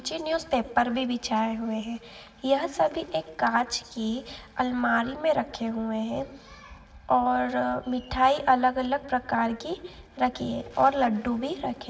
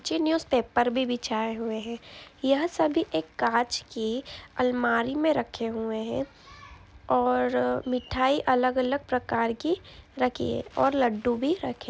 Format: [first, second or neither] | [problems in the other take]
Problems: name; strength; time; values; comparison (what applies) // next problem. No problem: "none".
second | room echo; dies away in 2.4 s